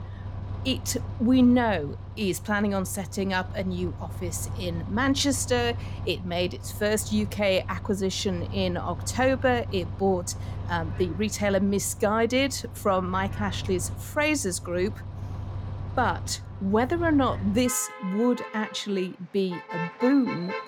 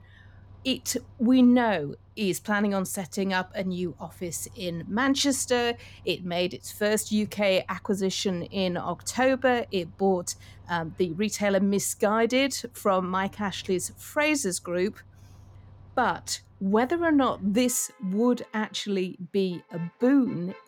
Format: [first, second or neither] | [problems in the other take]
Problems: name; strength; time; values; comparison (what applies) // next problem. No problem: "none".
second | traffic noise; loud; throughout; 10 dB below the speech; faint in the second